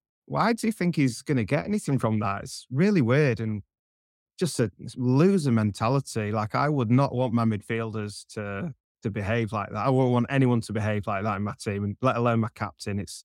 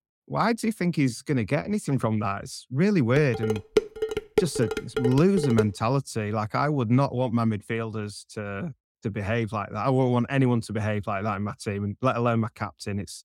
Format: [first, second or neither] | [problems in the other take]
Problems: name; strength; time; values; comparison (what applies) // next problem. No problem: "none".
first | clattering dishes; loud; from 3 to 5.5 s; peak level with the speech